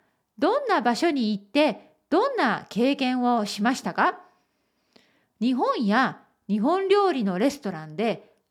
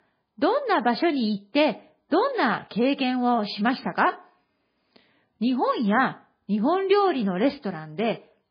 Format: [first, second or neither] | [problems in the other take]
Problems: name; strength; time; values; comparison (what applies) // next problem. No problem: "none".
first | garbled, watery; badly; nothing above 4.5 kHz